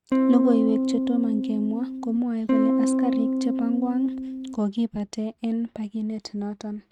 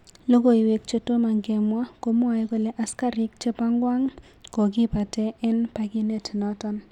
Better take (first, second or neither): second